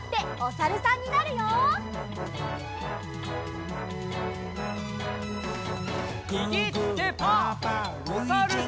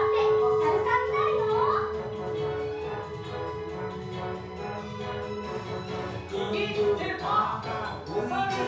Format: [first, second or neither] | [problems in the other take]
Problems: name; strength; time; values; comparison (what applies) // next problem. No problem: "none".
first | background sound (Chink, clink); 1 dB below the speech // room echo; dies away in 0.6 s